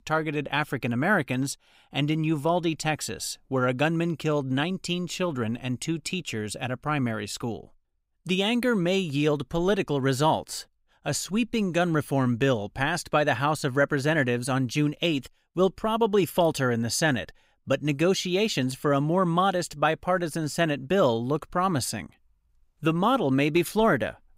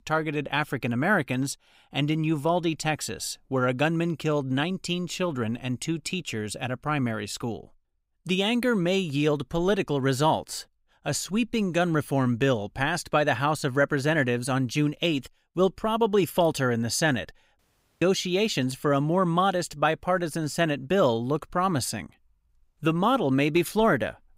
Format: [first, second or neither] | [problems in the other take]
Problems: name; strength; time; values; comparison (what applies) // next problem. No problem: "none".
first | audio cutting out; at 18 s